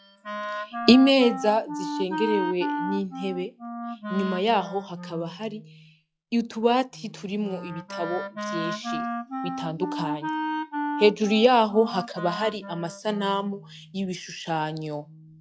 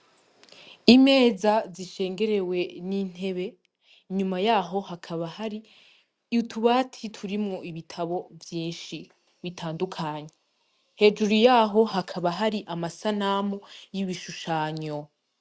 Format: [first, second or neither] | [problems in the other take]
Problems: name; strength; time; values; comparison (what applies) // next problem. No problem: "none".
second | noise reduction (classical method log-MMSE)